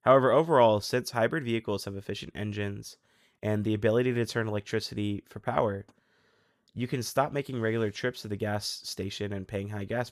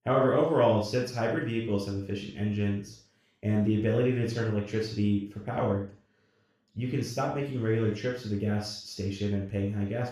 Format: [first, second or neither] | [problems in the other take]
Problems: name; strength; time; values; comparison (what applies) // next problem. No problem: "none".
first | room echo; noticeable; dies away in 0.4 s // off-mic speech; far